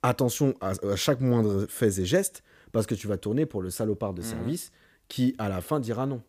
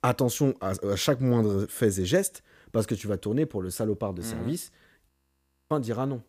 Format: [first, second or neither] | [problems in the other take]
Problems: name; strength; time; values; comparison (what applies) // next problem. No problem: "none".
first | audio freezing; at 5 s for 0.5 s